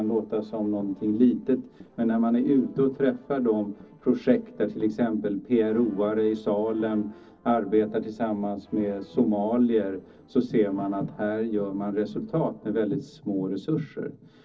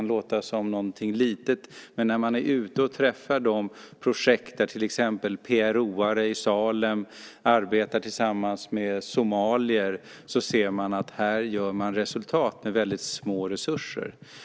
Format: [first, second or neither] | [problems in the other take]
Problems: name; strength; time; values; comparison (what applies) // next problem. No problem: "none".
second | noise reduction (neural separator model SepFormer DNS4)